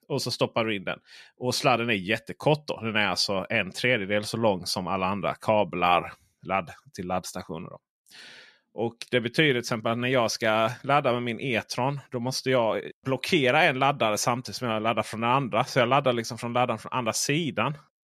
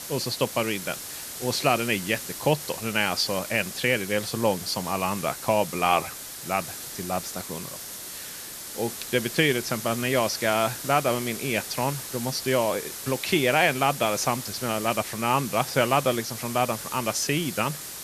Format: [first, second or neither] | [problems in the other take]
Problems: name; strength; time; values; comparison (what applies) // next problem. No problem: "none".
first | hiss; loud; throughout; 8 dB below the speech